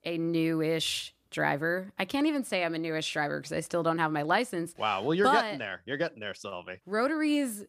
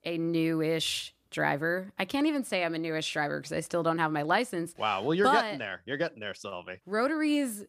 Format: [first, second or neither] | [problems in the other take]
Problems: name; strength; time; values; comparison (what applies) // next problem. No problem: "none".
neither | none